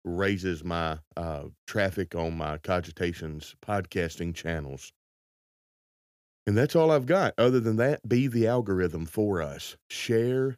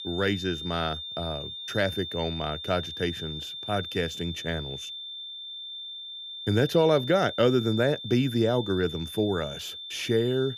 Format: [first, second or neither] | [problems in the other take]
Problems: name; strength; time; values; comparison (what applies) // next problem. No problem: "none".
first | high-pitched whine; loud; throughout; 3.5 kHz, 8 dB below the speech